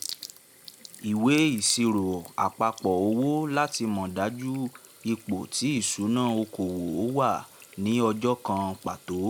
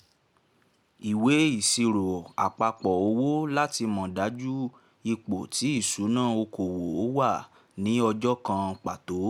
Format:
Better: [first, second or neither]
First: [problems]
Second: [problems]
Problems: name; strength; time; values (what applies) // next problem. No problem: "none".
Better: second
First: background sound (Sink (filling or washing) / Water tap, faucet); 20 dB below the speech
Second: none